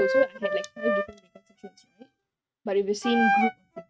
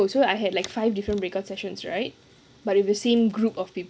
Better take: second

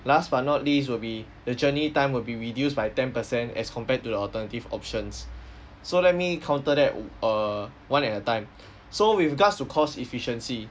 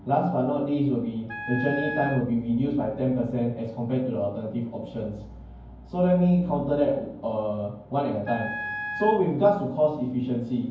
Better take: first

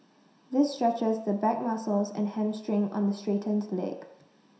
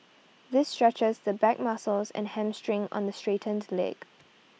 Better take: second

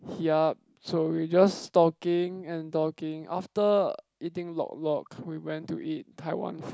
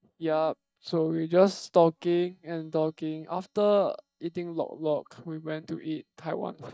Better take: first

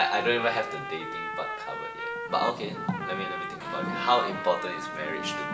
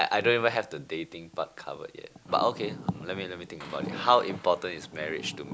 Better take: second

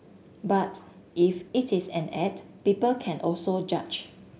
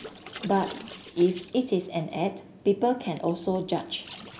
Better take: first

